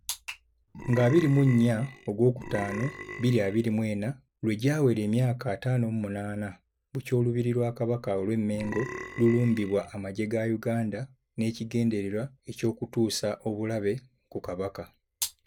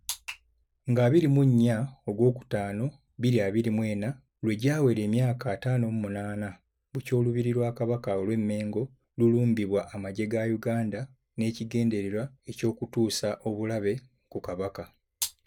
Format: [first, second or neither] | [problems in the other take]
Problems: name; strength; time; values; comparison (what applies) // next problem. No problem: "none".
second | background sound (Burping, eructation); 12 dB below the speech